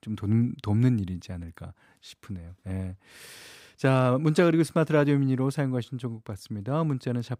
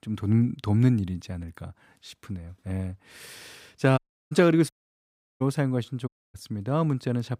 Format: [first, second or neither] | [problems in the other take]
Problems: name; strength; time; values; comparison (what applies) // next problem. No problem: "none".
first | audio cutting out; at 4 s, at 4.5 s for 0.5 s and at 6 s